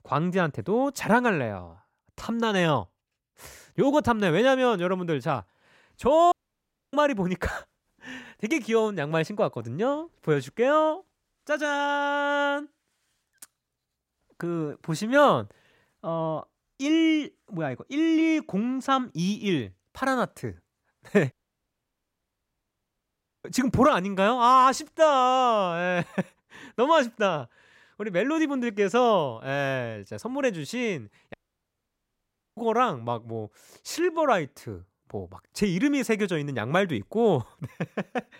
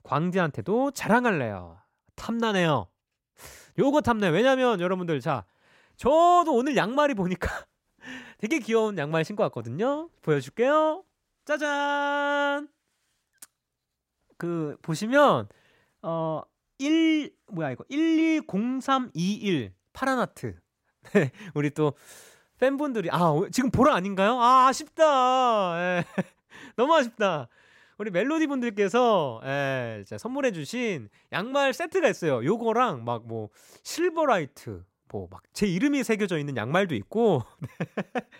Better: second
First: audio cutting out; at 6.5 s for 0.5 s, at 21 s for 2 s and at 31 s for 1 s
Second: none

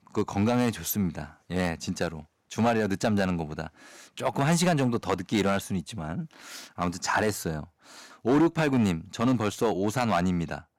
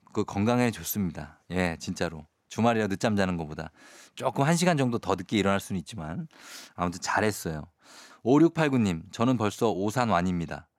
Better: second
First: distortion; slight; 3% of the sound clipped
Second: none

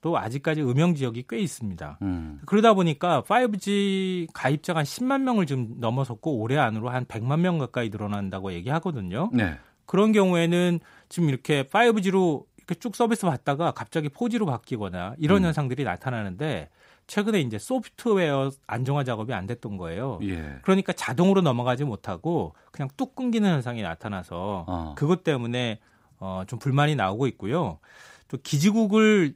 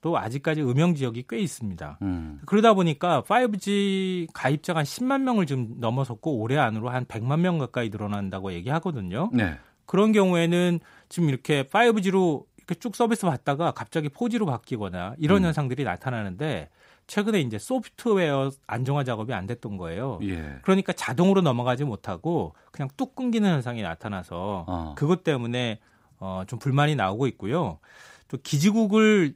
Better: neither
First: none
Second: none

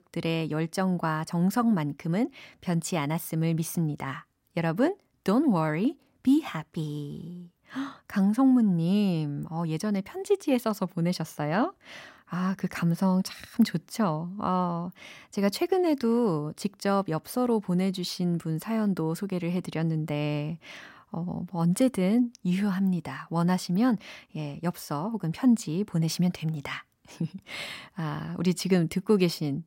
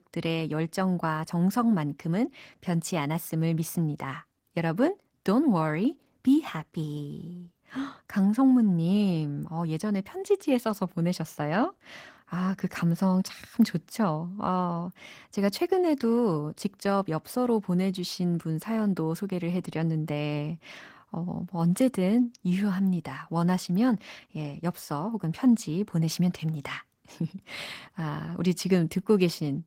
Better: first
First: none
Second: garbled, watery; slightly; nothing above 16 kHz

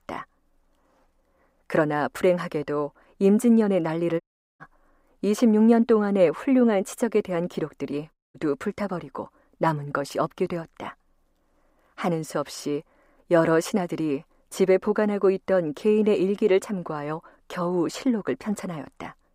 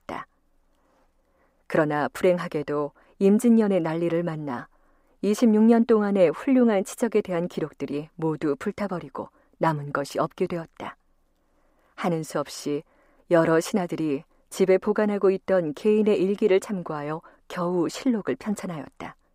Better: second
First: audio cutting out; at 4 s and at 8 s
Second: none

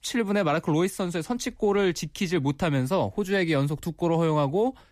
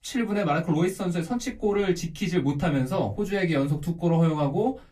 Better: first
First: none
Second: off-mic speech; far // room echo; very slight; dies away in 0.2 s

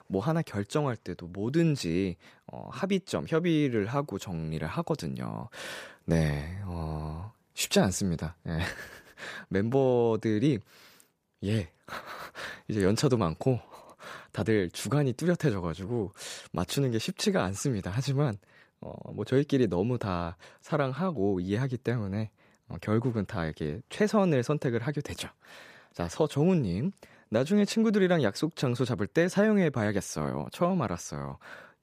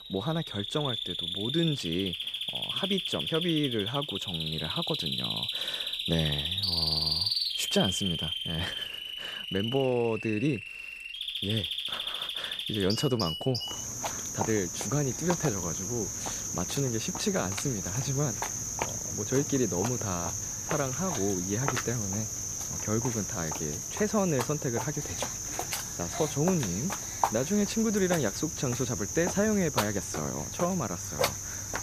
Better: first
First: none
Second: animal sounds; very loud; throughout; as loud as the speech

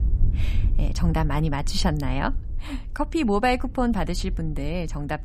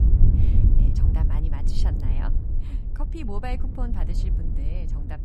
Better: first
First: low rumble; faint; throughout; 20 dB below the speech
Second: low rumble; loud; throughout; 1 dB below the speech

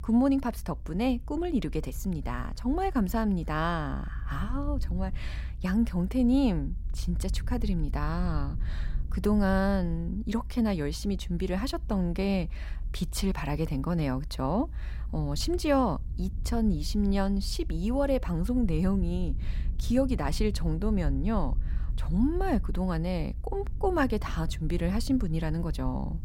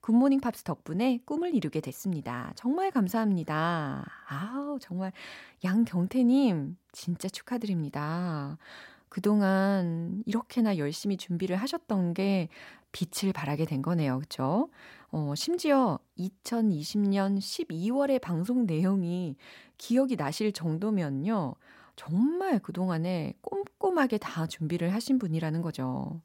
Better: second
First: low rumble; faint; throughout; 20 dB below the speech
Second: none

